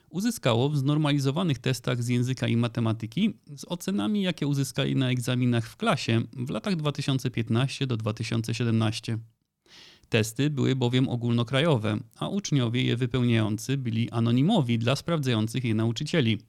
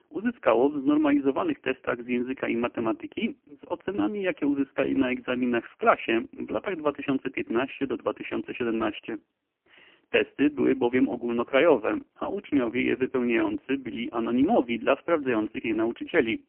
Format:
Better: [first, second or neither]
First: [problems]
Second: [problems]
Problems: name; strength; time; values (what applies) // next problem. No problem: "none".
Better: first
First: none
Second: phone-call audio; poor line; nothing above 3 kHz